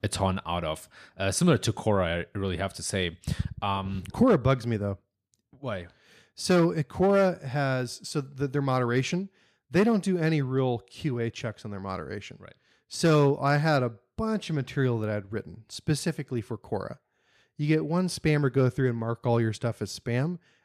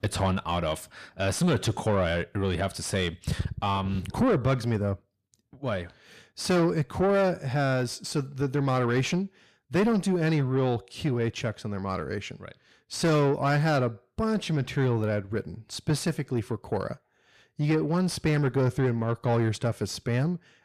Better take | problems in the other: first | distortion; slight; 10 dB below the speech

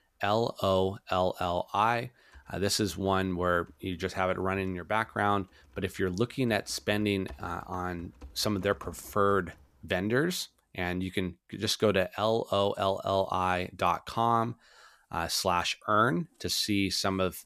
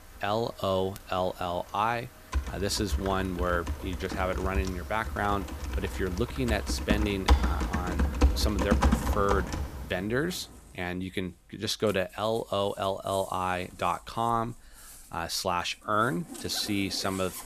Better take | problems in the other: first | household noises; loud; throughout; 1 dB below the speech; faint in the first

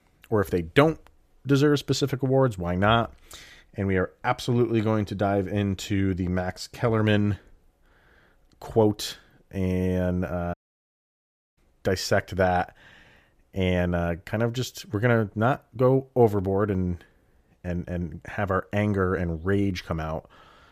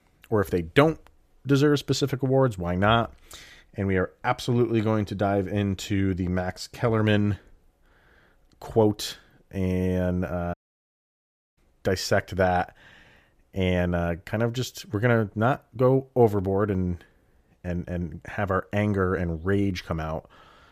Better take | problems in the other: neither | audio cutting out; at 11 s for 1 s; the same in both

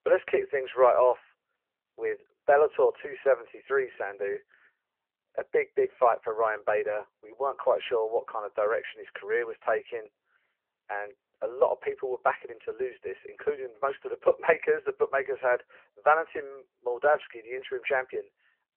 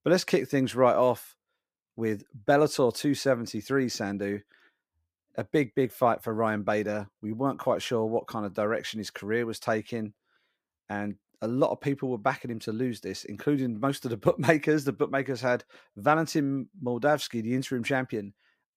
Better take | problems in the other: second | phone-call audio

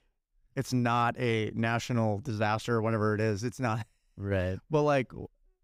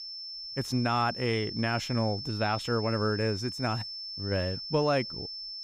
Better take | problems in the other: first | high-pitched whine; loud; throughout; 5.5 kHz, 7 dB below the speech

